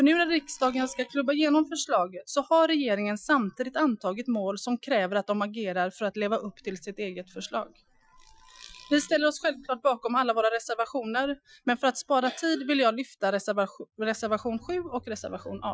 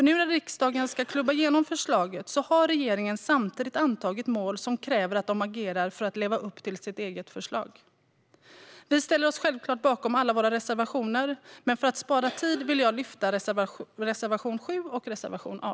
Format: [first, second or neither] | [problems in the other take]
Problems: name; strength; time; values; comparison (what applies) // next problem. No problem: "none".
second | noise reduction (classical method Wiener filter)